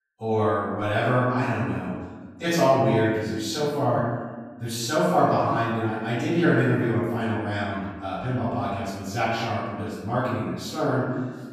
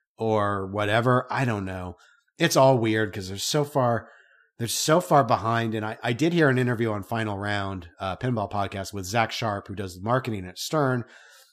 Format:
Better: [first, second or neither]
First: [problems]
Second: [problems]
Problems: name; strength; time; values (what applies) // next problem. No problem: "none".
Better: second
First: off-mic speech; far // room echo; strong; dies away in 1.4 s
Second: none